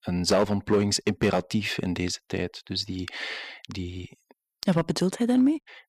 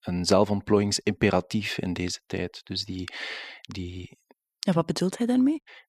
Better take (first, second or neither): second